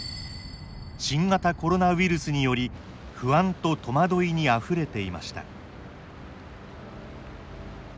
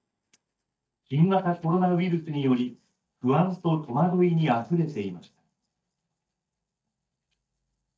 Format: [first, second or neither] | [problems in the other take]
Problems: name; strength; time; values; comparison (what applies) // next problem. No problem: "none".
first | noise reduction (neural mask model DeepFilterNet 3)